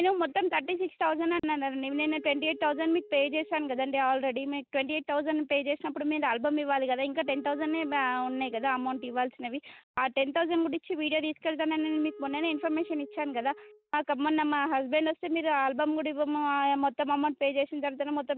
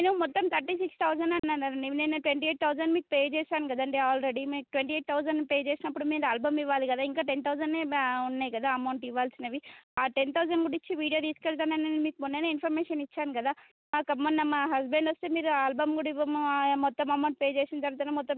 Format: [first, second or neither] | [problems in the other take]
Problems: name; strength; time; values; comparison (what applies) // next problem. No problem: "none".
second | noise reduction (neural mask model DeepFilterNet 3)